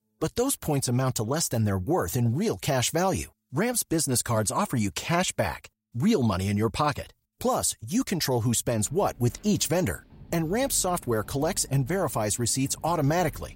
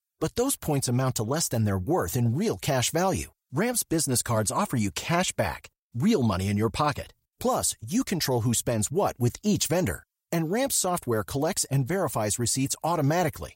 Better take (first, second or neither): second